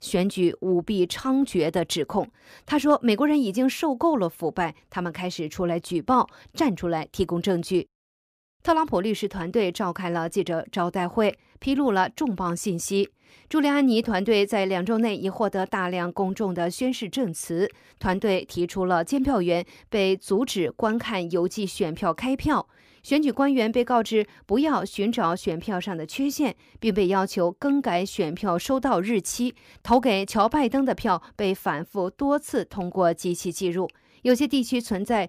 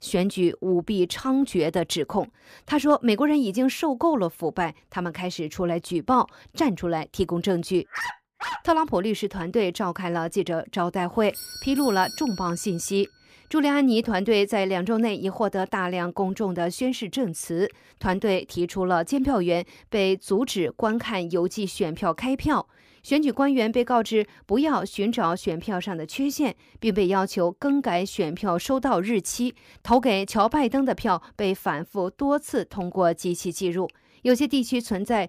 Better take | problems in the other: first | dog barking; noticeable; at 8 s; peak 7 dB below the speech // doorbell; noticeable; from 11 to 13 s; peak 8 dB below the speech

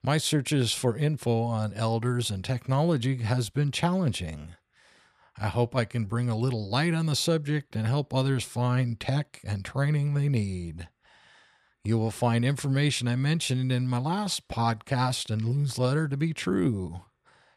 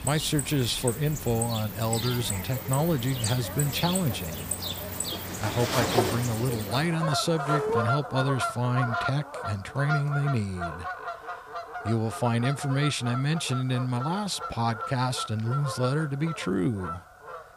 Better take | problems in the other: first | animal sounds; loud; throughout; 4 dB below the speech

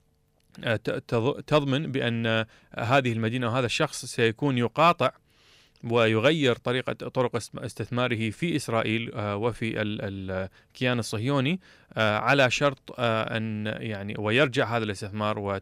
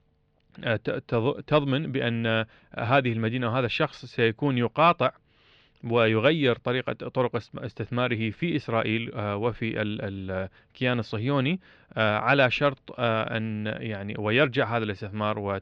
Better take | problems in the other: first | muffled; slightly; fading above 4 kHz

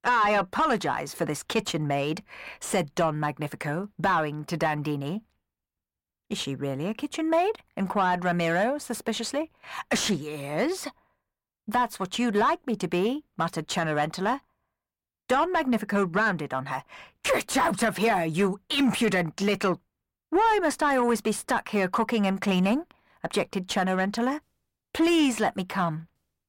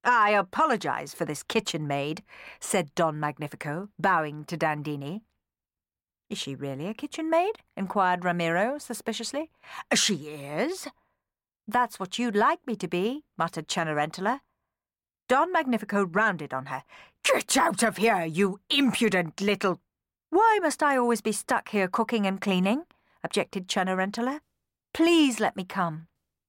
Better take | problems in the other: second | distortion; slight; 10 dB below the speech

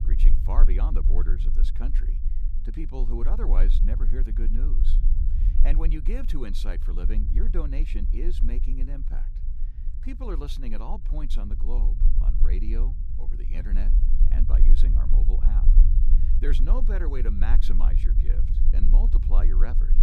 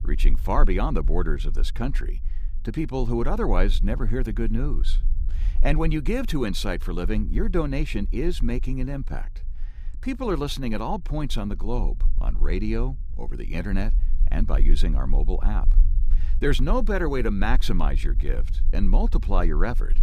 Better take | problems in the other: second | low rumble; loud; throughout; 7 dB below the speech; faint in the second

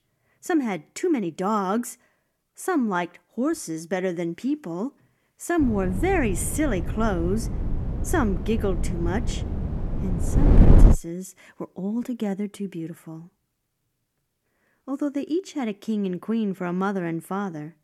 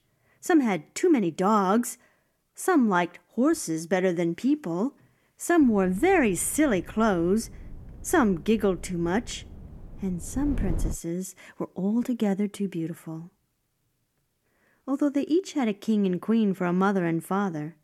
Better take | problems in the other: second | wind noise on the microphone; heavy; from 5.5 to 11 s; 6 dB below the speech; occasional gusts in the second

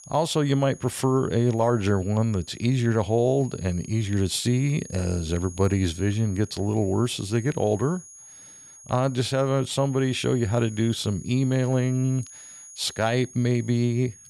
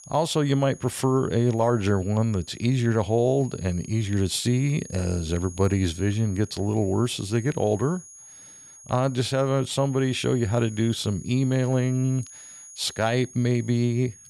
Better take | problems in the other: neither | high-pitched whine; noticeable; throughout; 6.5 kHz, 20 dB below the speech; the same in both

